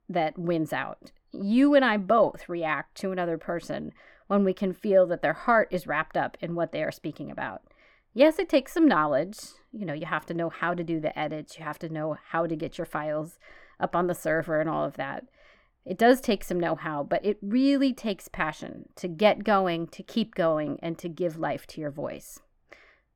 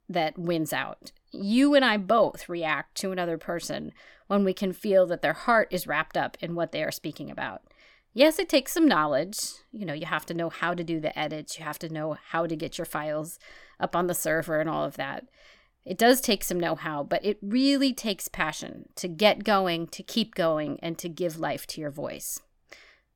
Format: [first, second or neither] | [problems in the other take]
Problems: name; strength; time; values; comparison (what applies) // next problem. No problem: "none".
second | muffled; slightly; fading above 3 kHz